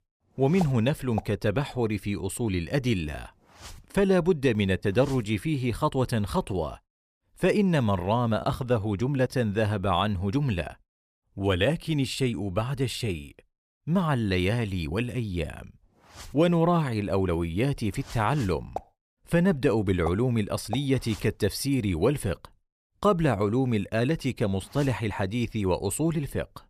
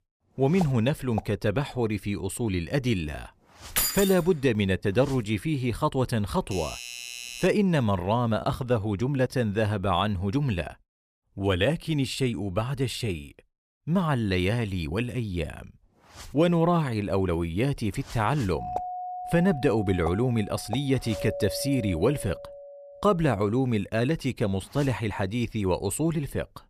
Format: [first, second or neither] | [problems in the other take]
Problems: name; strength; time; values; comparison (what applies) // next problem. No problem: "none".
first | jangling keys; loud; at 4 s; peak 2 dB above the speech // doorbell; noticeable; from 6.5 to 7.5 s and from 19 to 23 s; peak 7 dB below the speech